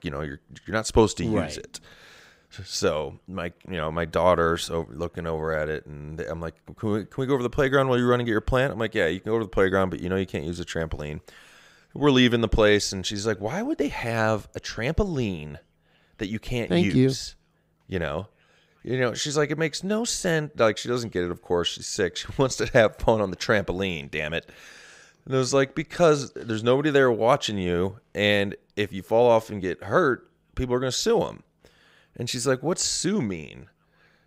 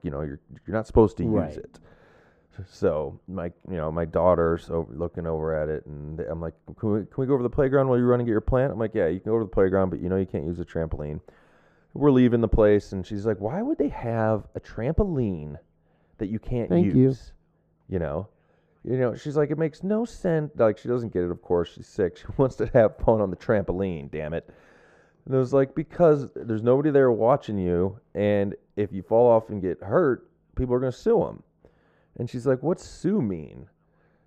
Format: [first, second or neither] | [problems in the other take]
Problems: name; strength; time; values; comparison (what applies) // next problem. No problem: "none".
first | muffled; very; fading above 1.5 kHz